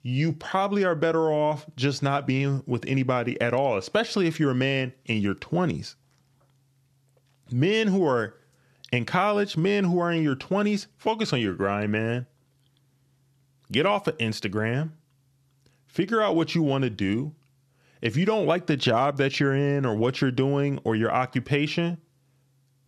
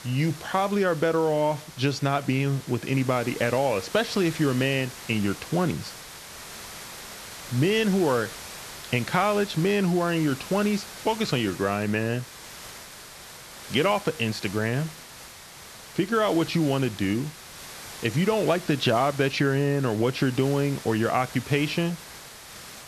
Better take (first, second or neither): first